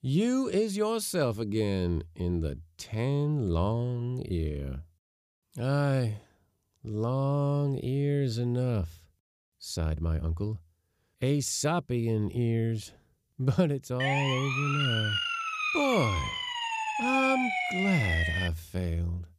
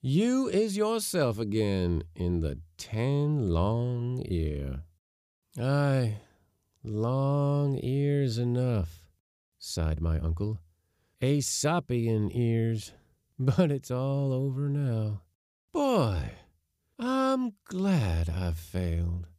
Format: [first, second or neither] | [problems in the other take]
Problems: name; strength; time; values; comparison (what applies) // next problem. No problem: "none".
second | siren; loud; from 14 to 18 s; peak 3 dB above the speech